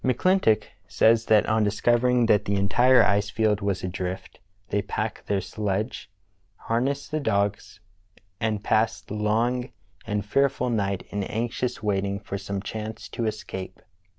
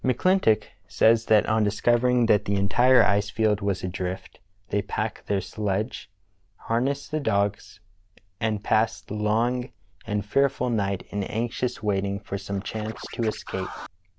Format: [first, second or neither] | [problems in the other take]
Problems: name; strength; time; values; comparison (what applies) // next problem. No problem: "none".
first | background sound (Scratching (performance technique)); 15 dB below the speech